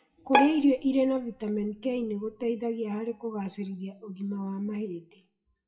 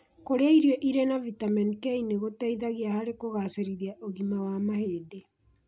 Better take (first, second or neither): second